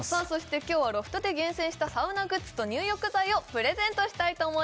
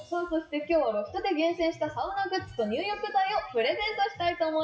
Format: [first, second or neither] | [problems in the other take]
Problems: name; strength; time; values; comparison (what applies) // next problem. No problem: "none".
first | noise reduction (classical method WPE with log-MMSE)